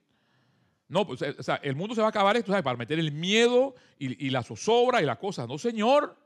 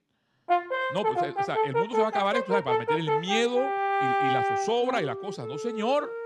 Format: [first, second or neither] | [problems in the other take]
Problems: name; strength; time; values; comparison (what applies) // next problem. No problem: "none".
first | background music; very loud; throughout; 2 dB above the speech